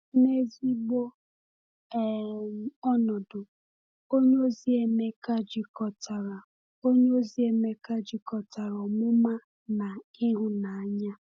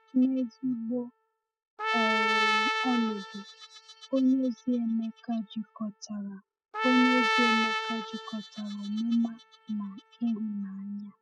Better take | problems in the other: first | noise reduction (classical method spectral subtraction)

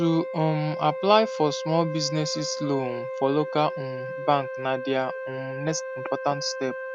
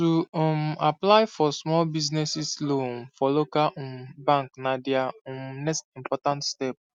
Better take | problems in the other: second | background sound (Wind instrument, woodwind instrument); 7 dB below the speech

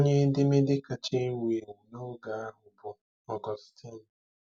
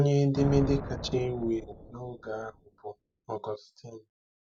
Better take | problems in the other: first | background sound (Thunder); 10 dB below the speech

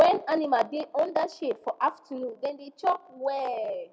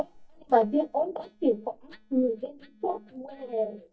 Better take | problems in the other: first | noise reduction (neural mask model DeepFilterNet 3)

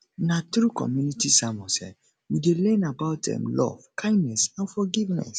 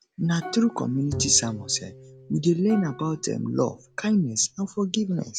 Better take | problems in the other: first | background sound (Bowed string instrument + Plucked string instrument); 15 dB below the speech

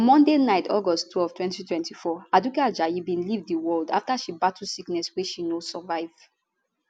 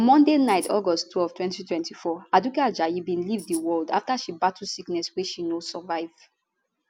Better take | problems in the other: first | background sound (Tambourine); 15 dB below the speech

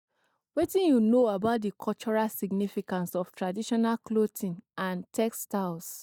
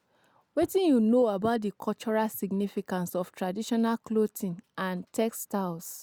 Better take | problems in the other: second | noise reduction (neural mask model DeepFilterNet 3)

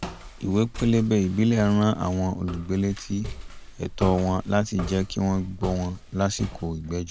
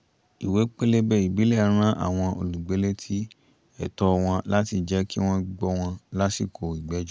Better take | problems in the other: second | background sound (Walk, footsteps); 13 dB below the speech

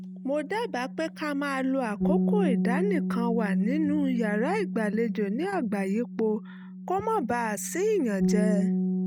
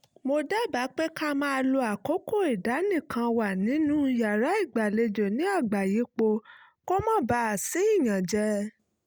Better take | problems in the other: second | noise reduction (neural mask model RNNoise)

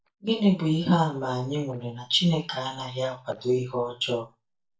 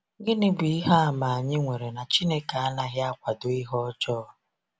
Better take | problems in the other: second | noise reduction (neural mask model DeepFilterNet 3)

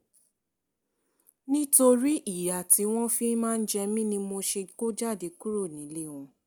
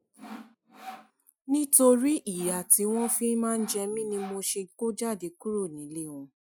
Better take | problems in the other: first | noise reduction (classical method Wiener filter)

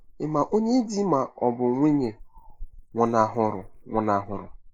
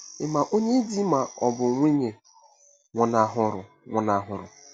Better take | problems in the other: second | noise reduction (neural mask model Resemble Enhance denoiser)

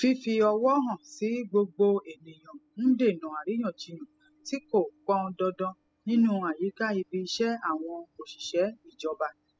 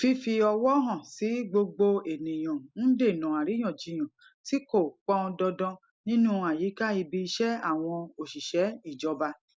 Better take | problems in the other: second | noise reduction (classical method spectral subtraction)

